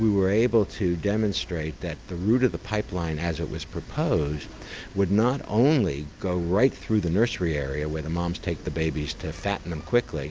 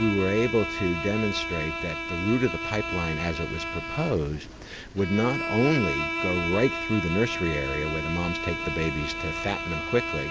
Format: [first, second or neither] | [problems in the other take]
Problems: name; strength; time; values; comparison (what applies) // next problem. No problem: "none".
first | background sound (Bowed string instrument); 4 dB below the speech